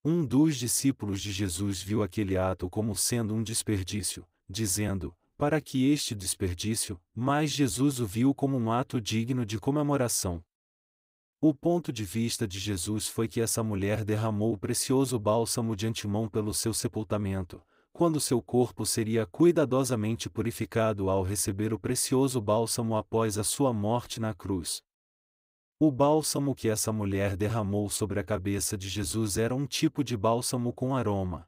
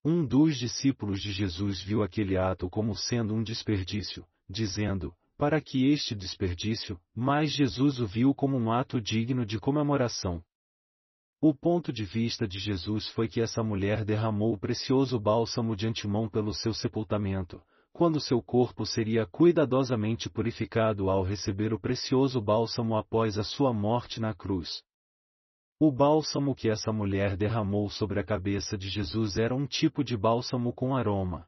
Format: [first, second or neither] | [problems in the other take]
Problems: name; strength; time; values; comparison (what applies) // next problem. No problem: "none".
first | garbled, watery; slightly; nothing above 6 kHz